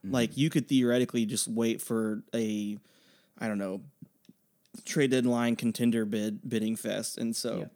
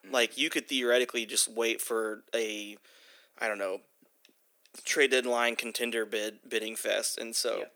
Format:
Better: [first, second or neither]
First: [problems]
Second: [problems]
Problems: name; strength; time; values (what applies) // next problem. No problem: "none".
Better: first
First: none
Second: thin; very; fading below 400 Hz